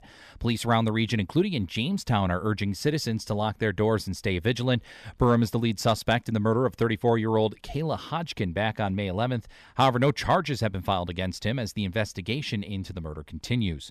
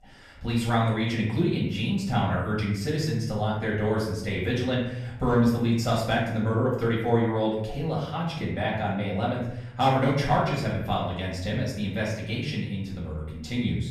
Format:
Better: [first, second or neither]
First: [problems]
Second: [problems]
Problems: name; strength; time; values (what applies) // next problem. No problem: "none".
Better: first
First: none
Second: room echo; noticeable; dies away in 0.8 s // off-mic speech; far